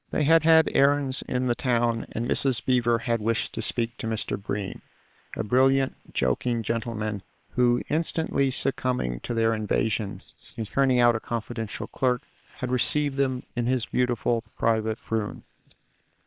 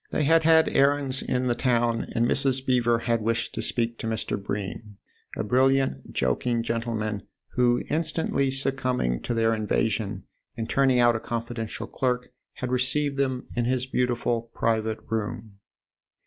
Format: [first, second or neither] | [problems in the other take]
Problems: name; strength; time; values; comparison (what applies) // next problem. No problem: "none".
second | noise reduction (neural separator model SepFormer WHAM!)